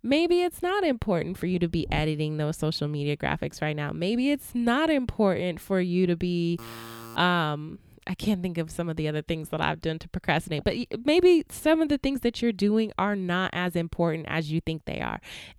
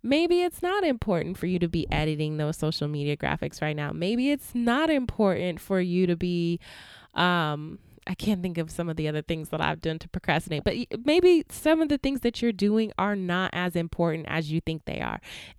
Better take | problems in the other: second | alarm; faint; at 6.5 s; peak 15 dB below the speech

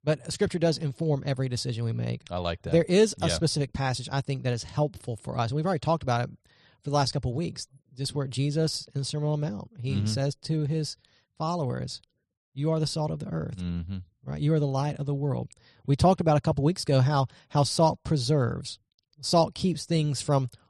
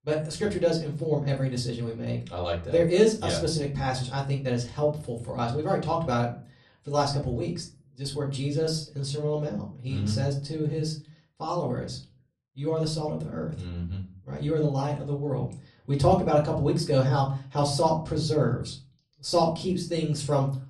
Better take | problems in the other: first | off-mic speech; far // room echo; very slight; dies away in 0.3 s

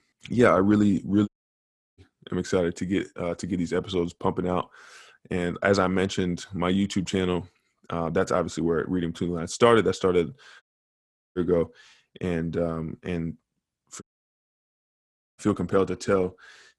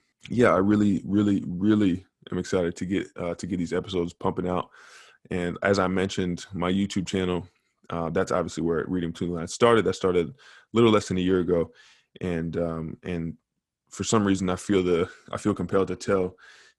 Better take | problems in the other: second | audio cutting out; at 1.5 s for 0.5 s, at 11 s for 0.5 s and at 14 s for 1.5 s

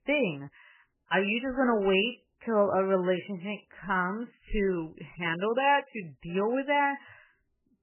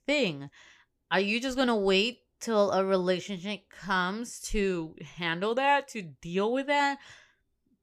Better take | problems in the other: second | garbled, watery; badly; nothing above 3 kHz

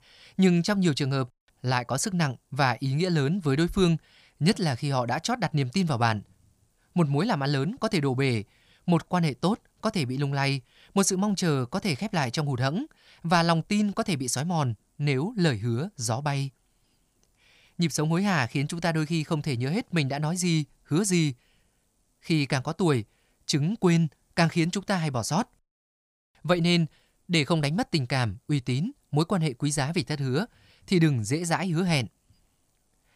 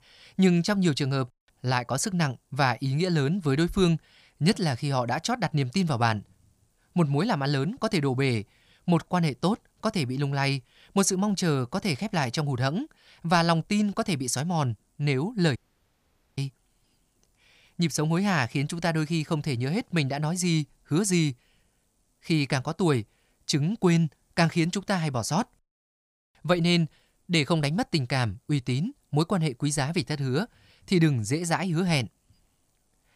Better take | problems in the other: first | audio cutting out; at 16 s for 1 s

